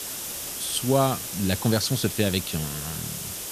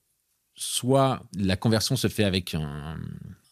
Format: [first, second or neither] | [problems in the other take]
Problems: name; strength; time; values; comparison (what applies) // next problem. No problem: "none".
second | hiss; loud; throughout; 6 dB below the speech